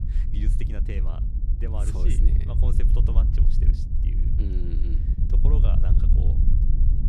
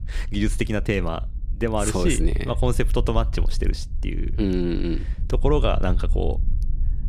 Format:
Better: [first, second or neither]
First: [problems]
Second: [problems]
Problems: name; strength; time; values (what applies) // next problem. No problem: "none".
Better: second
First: wind noise on the microphone; heavy; 1 dB above the speech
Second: wind noise on the microphone; occasional gusts; 20 dB below the speech